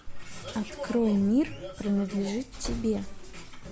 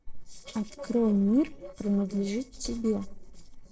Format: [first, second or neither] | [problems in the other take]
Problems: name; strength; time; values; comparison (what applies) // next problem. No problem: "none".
first | noise reduction (neural separator model SepFormer DNS4)